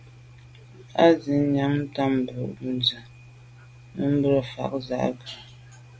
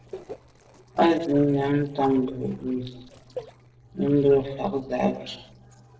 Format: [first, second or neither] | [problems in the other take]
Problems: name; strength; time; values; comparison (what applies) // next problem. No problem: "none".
first | noise reduction (neural separator model SepFormer DNS4)